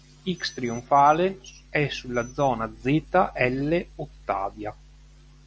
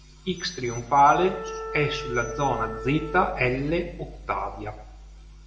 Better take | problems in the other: first | background sound (Wind instrument, woodwind instrument); 11 dB below the speech // room echo; dies away in 0.7 s

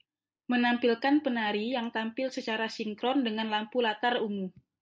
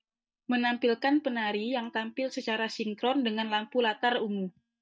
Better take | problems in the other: first | noise reduction (neural mask model DeepFilterNet 3)

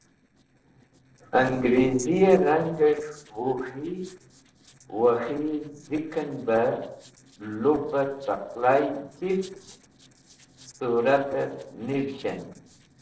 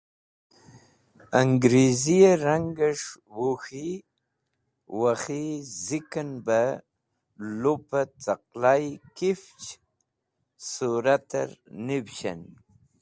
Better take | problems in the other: second | noise reduction (neural separator model SepFormer DNS4)

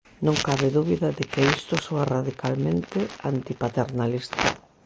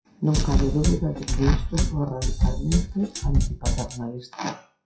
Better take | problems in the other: first | noise reduction (classical method WPE with log-MMSE)

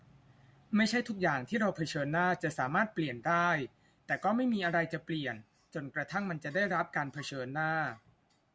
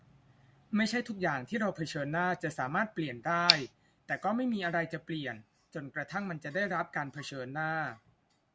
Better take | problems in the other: first | background sound (Tick); 8 dB below the speech

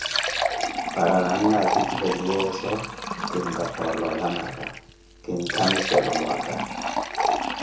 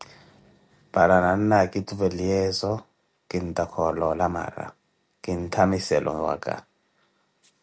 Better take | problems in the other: second | background sound (Fill (with liquid)); 1 dB below the speech // room echo; dies away in 0.6 s

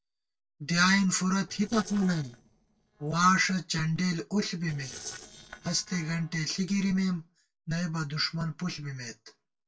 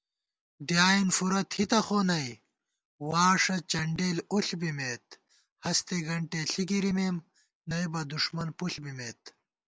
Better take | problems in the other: second | noise reduction (neural separator model SepFormer DNS4)

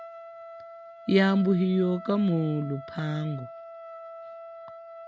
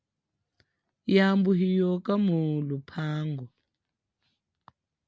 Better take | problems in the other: second | background sound (Trumpet); 15 dB below the speech

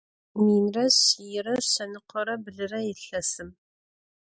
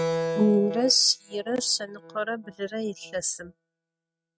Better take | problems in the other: first | noise reduction (neural mask model RNNoise)

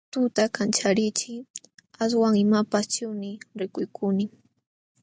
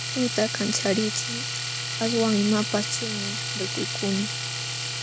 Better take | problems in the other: first | background sound (Domestic sounds, home sounds); 2 dB below the speech

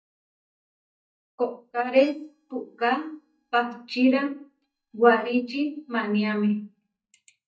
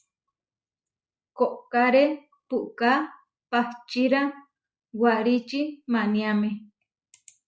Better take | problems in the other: second | noise reduction (neural mask model DeepFilterNet 3)

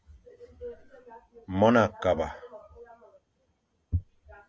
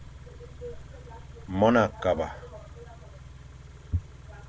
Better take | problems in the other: first | background sound (Idling / Car); 14 dB below the speech

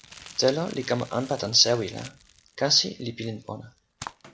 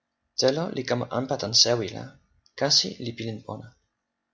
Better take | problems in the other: second | background sound (Crumpling, crinkling); 19 dB below the speech

